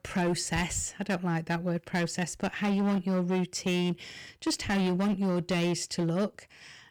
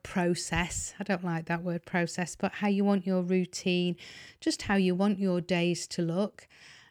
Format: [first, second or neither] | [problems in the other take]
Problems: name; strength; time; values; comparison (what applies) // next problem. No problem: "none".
second | distortion; slight; 15% of the sound clipped